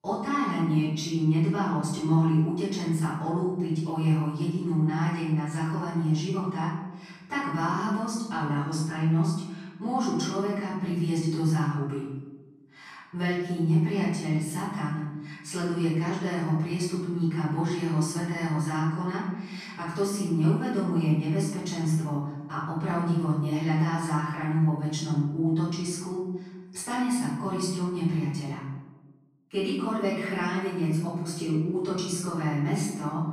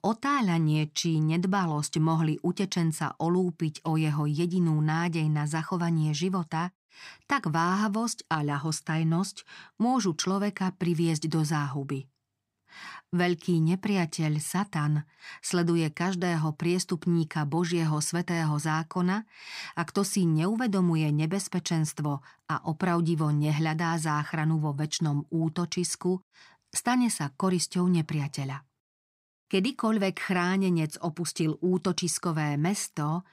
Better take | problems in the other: second | off-mic speech; far // room echo; noticeable; dies away in 1 s

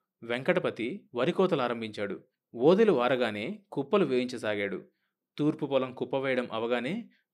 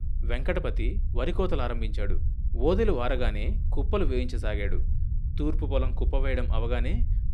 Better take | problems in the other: first | low rumble; noticeable; throughout; 15 dB below the speech

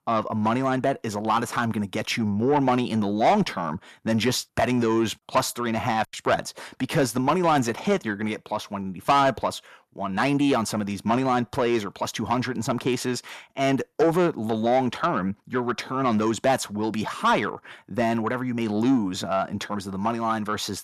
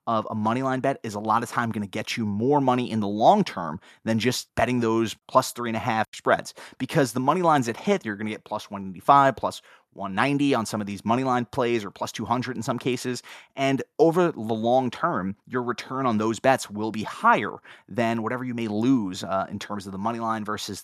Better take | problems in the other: second | distortion; slight; 10 dB below the speech

